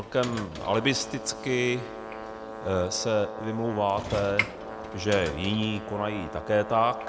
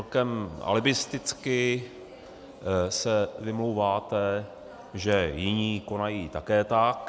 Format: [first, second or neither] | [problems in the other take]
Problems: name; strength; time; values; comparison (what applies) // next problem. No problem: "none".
second | background sound (Brass instrument + Sliding door / Train); 9 dB below the speech